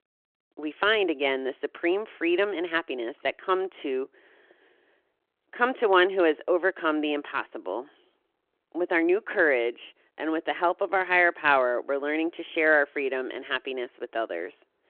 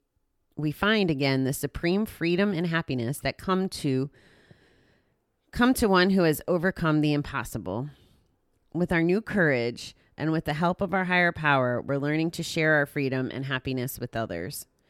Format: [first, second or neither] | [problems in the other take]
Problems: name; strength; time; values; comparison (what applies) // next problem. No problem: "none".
second | phone-call audio